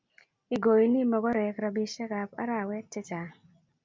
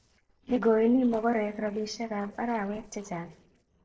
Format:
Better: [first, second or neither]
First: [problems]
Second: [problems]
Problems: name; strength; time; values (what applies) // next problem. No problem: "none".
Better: first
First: none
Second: noise reduction (neural separator model SepFormer DNS4)